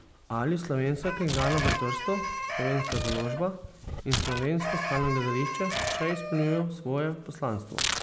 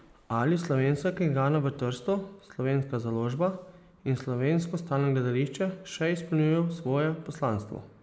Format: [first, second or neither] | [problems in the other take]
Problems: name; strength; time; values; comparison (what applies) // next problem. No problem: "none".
second | background sound (Tearing + Chicken, rooster); 3 dB below the speech